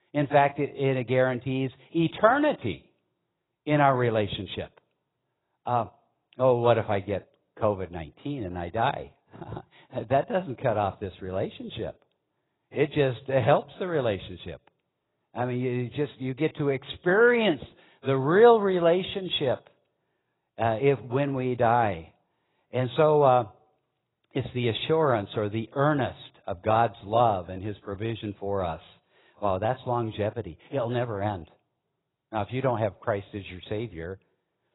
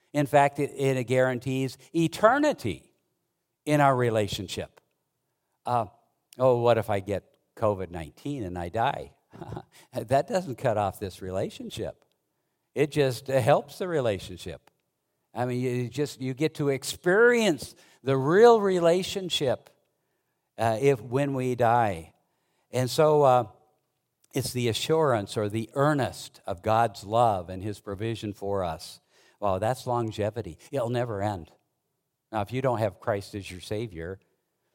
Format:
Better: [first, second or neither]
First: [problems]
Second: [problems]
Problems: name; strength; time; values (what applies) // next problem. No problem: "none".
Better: second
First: garbled, watery; badly; nothing above 4 kHz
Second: none